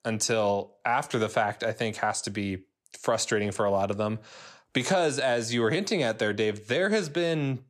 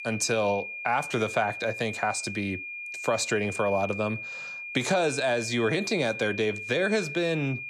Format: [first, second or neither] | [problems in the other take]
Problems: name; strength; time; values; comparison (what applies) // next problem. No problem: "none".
first | high-pitched whine; loud; throughout; 2.5 kHz, 7 dB below the speech